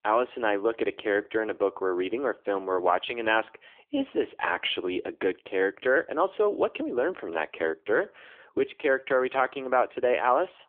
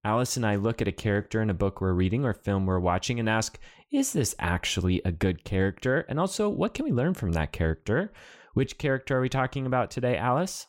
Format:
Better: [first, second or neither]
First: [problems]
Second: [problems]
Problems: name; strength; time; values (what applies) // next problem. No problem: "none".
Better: second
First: phone-call audio; nothing above 3.5 kHz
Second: none